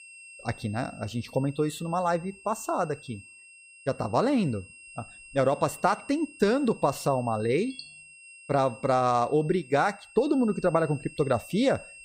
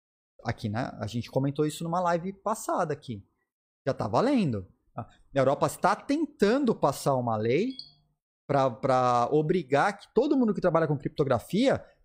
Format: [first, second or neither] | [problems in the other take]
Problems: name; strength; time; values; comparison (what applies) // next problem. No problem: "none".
second | high-pitched whine; noticeable; throughout; 2.5 kHz, 20 dB below the speech